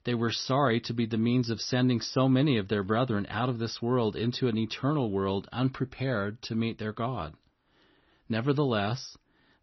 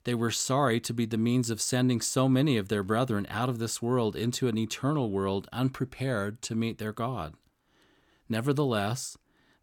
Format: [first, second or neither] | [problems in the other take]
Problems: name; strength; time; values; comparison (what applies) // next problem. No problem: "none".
second | garbled, watery; slightly; nothing above 6 kHz